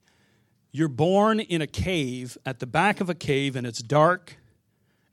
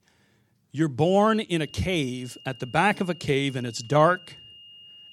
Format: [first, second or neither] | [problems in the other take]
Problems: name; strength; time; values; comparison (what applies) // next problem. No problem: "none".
first | high-pitched whine; faint; from 1.5 s on; 3 kHz, 20 dB below the speech